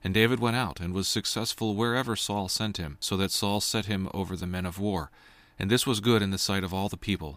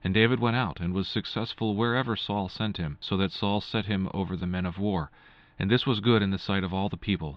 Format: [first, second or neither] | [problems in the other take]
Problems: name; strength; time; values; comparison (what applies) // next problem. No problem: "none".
first | muffled; slightly; fading above 3.5 kHz